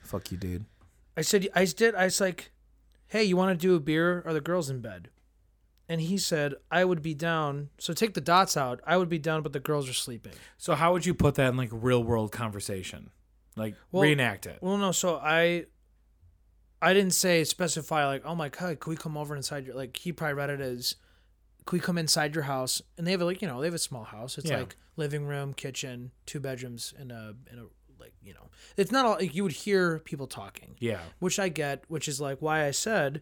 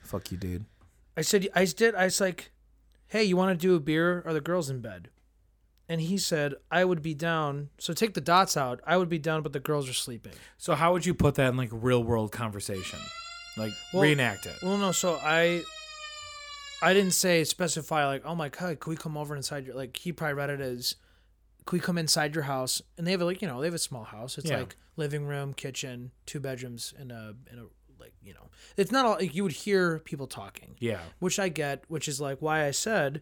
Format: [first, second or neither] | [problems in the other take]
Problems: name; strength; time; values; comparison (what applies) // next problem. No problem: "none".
first | siren; faint; from 13 to 17 s; peak 10 dB below the speech